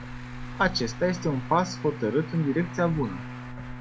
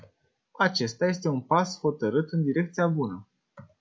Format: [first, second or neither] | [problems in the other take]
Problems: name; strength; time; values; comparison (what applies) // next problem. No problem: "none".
second | background sound (Bowed string instrument + Traffic noise, roadway noise); 9 dB below the speech